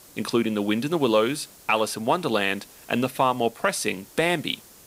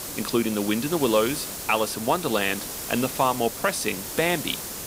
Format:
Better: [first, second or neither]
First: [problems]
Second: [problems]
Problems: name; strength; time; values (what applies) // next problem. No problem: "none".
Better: first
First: hiss; faint; throughout; 25 dB below the speech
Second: hiss; loud; throughout; 7 dB below the speech